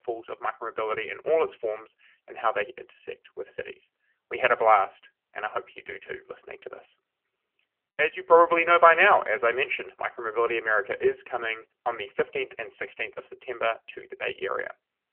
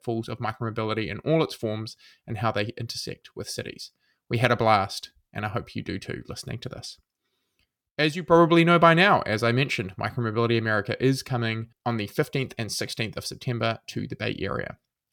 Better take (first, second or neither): second